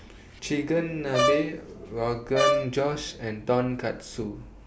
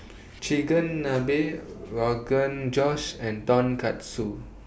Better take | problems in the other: second | background sound (Brass instrument); 1 dB above the speech

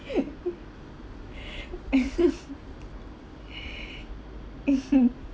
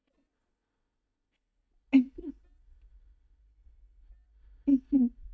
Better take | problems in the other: first | noise reduction (neural mask model DeepFilterNet 3)

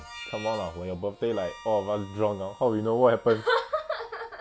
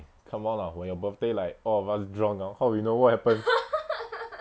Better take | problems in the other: second | background sound (Harmonica); 19 dB below the speech

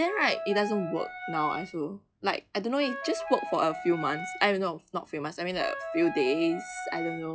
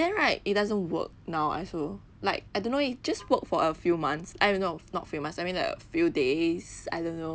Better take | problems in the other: second | noise reduction (classical method log-MMSE)

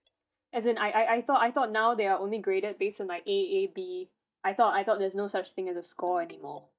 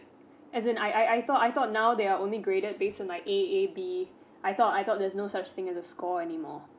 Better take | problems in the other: second | noise reduction (neural mask model DeepFilterNet 3)

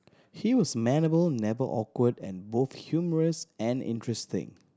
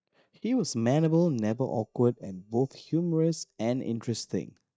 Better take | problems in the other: first | noise reduction (neural mask model DeepFilterNet 3)

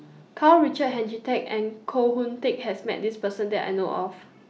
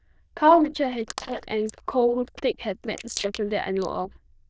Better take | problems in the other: first | noise reduction (neural diffusion model UNIVERSE++)

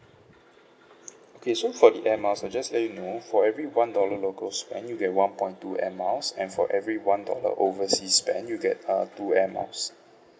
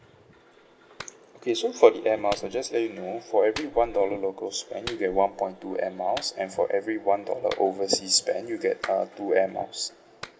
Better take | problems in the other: first | background sound (Clapping); 19 dB below the speech

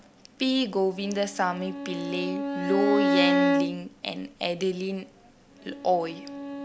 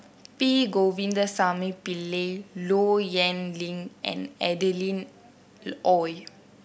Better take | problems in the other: second | background sound (Bowed string instrument); as loud as the speech

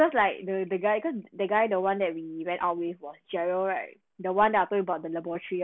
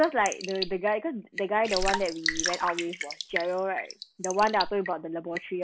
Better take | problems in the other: first | background sound (Raindrop / Drip); 7 dB below the speech

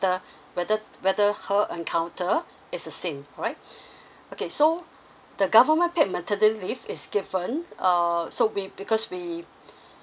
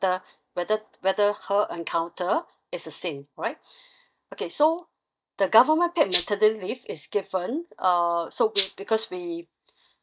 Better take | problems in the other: first | noise reduction (neural mask model DeepFilterNet 3)

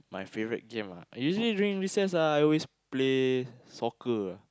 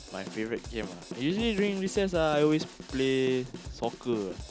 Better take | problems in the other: first | background sound (Drum / Drum kit); 13 dB below the speech

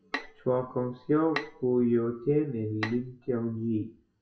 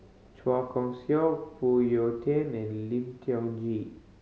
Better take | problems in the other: second | noise reduction (classical method WPE with log-MMSE)

